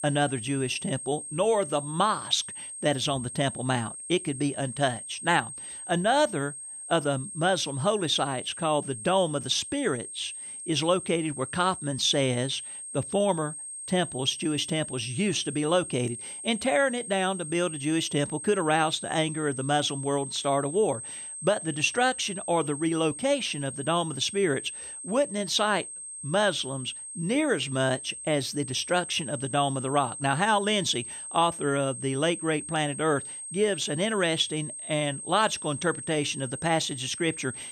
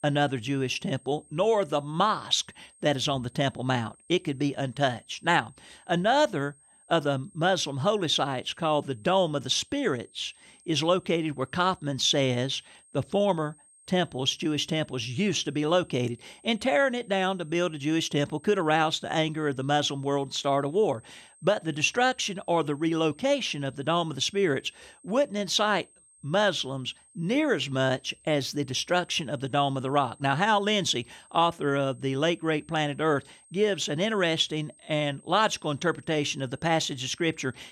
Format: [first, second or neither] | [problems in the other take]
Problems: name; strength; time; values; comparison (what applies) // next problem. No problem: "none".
second | high-pitched whine; loud; throughout; 8.5 kHz, 9 dB below the speech; faint in the second